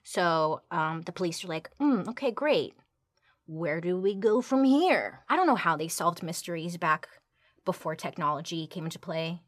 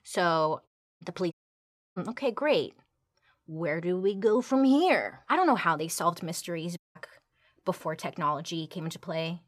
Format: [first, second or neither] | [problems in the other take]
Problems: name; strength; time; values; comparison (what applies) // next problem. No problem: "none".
first | audio cutting out; at 0.5 s, at 1.5 s for 0.5 s and at 7 s